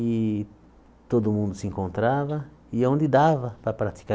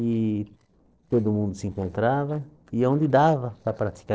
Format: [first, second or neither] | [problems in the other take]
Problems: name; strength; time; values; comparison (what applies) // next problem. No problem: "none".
first | noise reduction (neural separator model SepFormer DNS4)